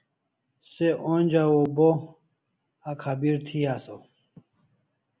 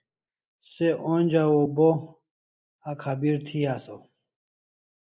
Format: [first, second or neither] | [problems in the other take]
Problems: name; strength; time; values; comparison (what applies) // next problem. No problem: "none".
first | noise reduction (neural mask model Resemble Enhance denoiser)